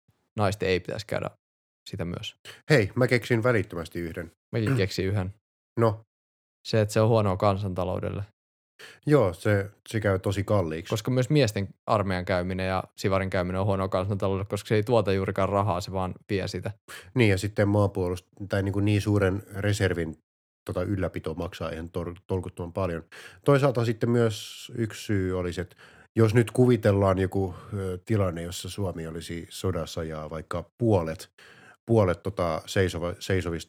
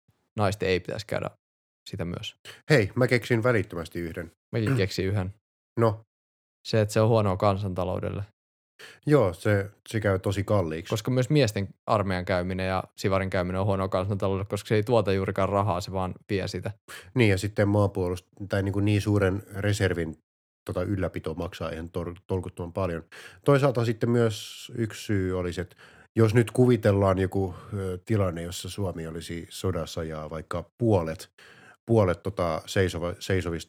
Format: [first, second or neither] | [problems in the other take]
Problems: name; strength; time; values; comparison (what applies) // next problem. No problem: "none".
neither | none